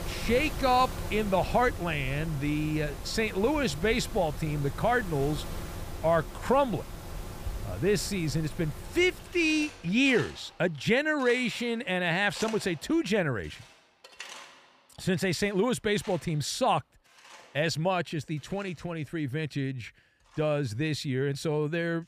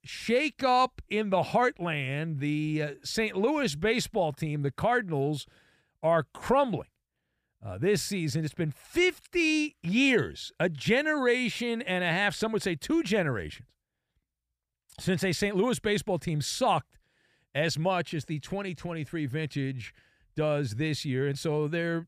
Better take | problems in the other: second | machinery noise; noticeable; throughout; 15 dB below the speech

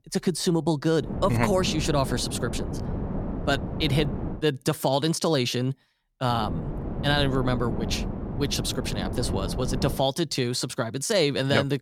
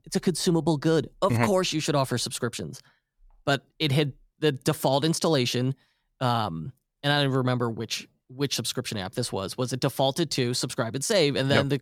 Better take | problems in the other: second | wind noise on the microphone; occasional gusts; from 1 to 4.5 s and from 6.5 to 10 s; 10 dB below the speech

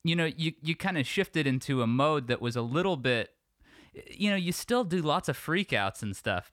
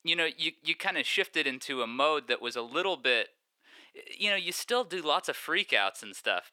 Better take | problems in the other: first | thin; very; fading below 400 Hz

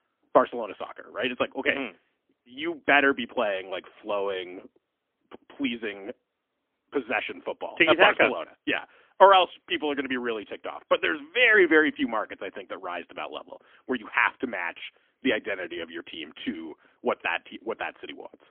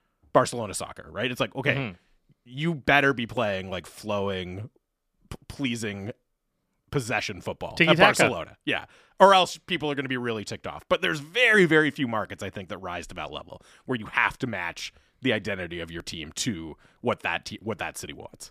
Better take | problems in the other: second | phone-call audio; poor line; nothing above 3.5 kHz

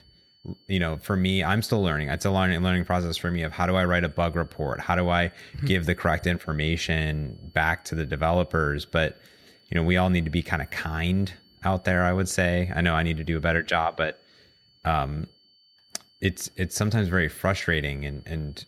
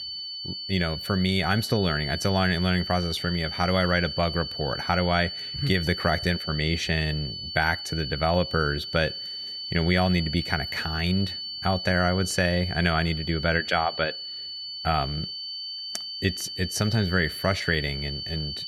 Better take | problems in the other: first | high-pitched whine; loud; throughout; 4.5 kHz, 6 dB below the speech; faint in the first

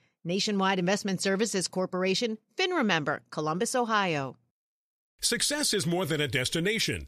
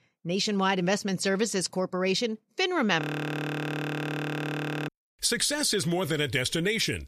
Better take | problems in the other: first | audio freezing; at 3 s for 2 s

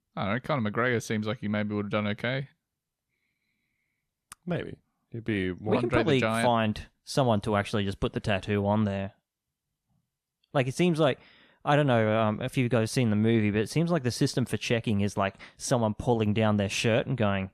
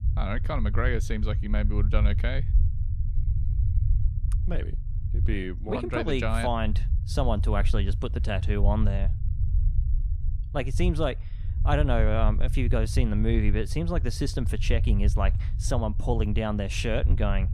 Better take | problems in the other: first | low rumble; noticeable; throughout; 15 dB below the speech

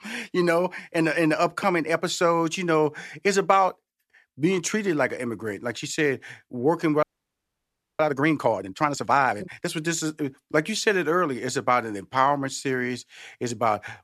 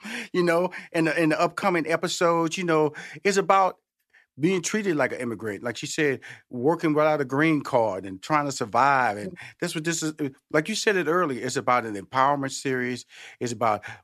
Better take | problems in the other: second | audio freezing; at 7 s for 1 s

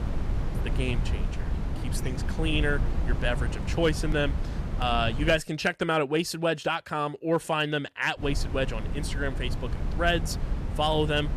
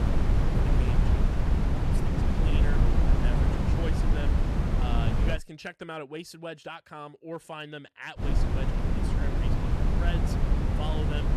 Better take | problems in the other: first | wind noise on the microphone; heavy; until 5.5 s and from 8 s on; 3 dB above the speech; occasional gusts in the first

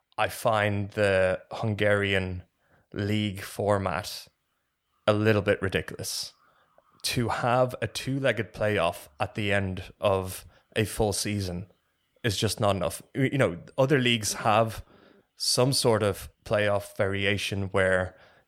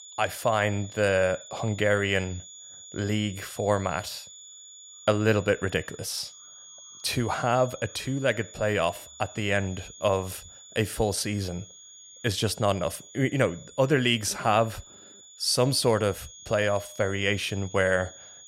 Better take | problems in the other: first | high-pitched whine; noticeable; throughout; 7 kHz, 20 dB below the speech

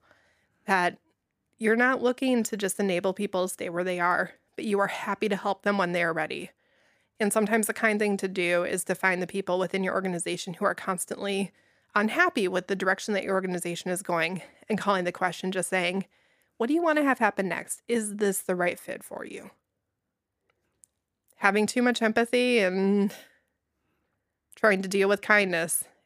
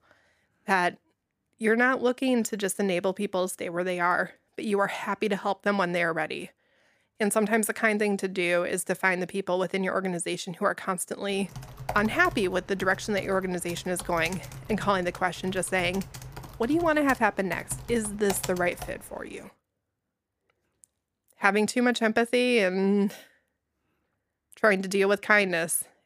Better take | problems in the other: first | keyboard typing; noticeable; from 12 to 19 s; peak 9 dB below the speech

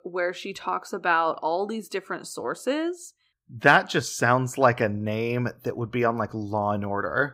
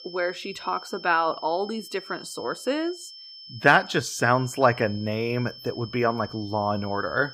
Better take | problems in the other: first | high-pitched whine; noticeable; throughout; 5.5 kHz, 15 dB below the speech

